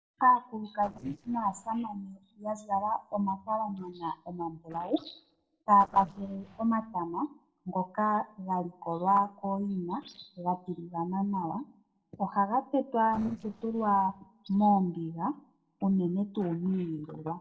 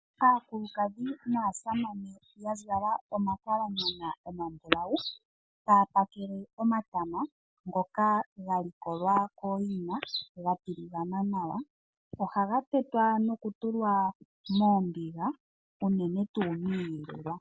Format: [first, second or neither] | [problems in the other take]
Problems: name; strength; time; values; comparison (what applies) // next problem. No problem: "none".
second | noise reduction (neural separator model SepFormer DNS4)